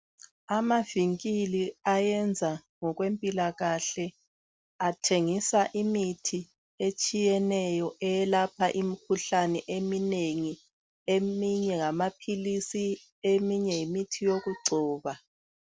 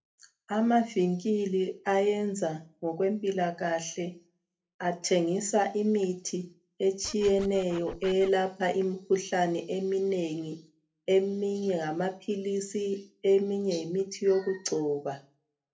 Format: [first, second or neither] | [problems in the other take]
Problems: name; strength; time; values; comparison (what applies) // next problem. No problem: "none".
first | background sound (Scratching (performance technique)); 16 dB below the speech // room echo; dies away in 0.3 s